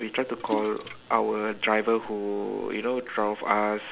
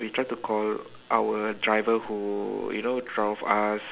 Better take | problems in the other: second | background sound (Splash, splatter); 12 dB below the speech

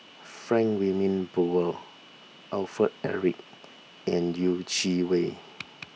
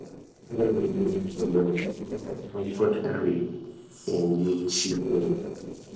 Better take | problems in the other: first | noise reduction (neural separator model SepFormer DNS4)

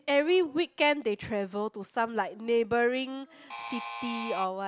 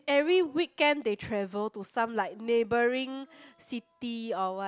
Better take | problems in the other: second | background sound (Alarm); 9 dB below the speech

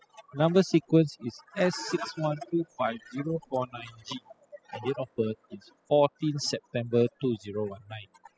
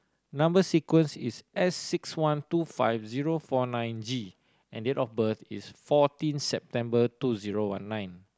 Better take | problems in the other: second | noise reduction (classical method spectral subtraction)

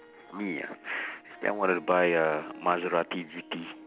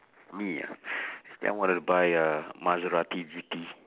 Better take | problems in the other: second | background sound (Harp); 19 dB below the speech

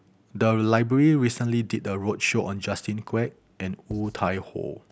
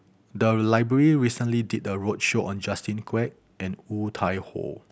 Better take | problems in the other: second | background sound (Writing); 17 dB below the speech

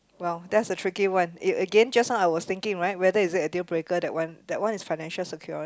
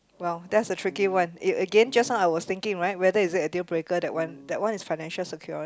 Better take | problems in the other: first | background sound (Piano); 19 dB below the speech

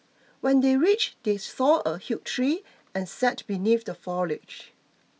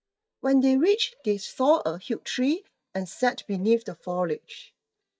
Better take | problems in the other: first | noise reduction (neural mask model DeepFilterNet 3)

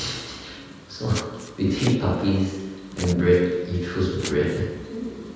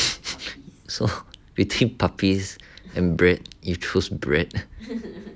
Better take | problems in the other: second | background sound (Domestic sounds, home sounds); 17 dB below the speech // room echo; dies away in 1.2 s

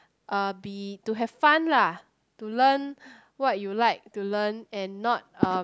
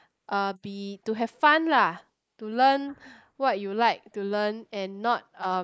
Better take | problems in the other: first | noise reduction (neural mask model Resemble Enhance denoiser)

